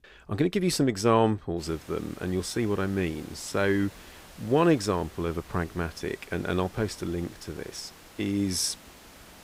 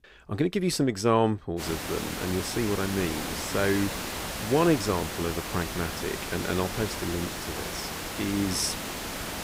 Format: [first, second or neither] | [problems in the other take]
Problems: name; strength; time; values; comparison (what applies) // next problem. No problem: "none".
first | hiss; loud; from 1.5 s on; 4 dB below the speech; faint in the first